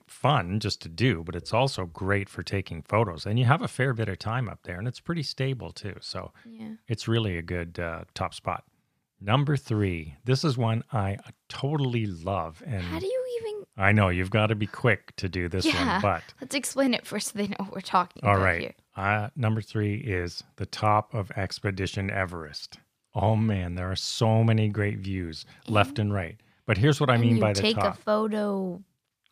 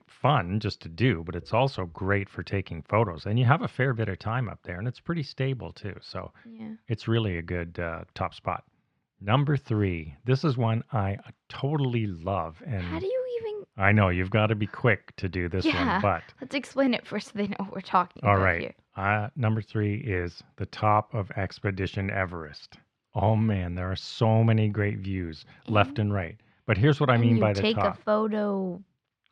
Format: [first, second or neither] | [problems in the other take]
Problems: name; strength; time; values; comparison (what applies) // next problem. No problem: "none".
first | muffled; slightly; fading above 3 kHz